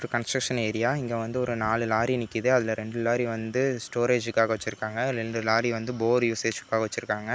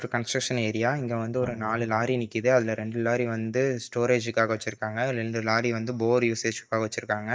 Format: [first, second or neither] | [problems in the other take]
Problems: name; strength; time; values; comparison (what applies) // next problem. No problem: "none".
first | noise reduction (neural mask model DeepFilterNet 3)